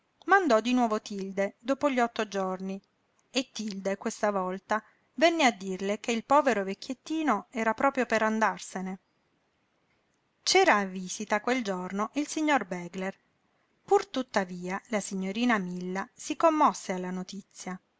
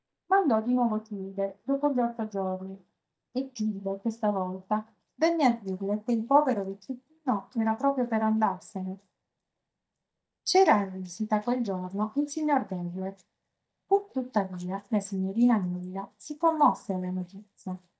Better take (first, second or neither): first